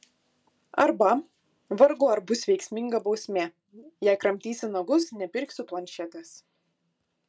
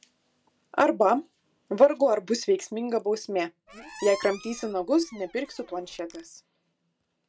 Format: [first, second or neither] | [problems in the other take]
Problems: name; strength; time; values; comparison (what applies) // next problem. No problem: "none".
first | background sound (Squeak); 18 dB below the speech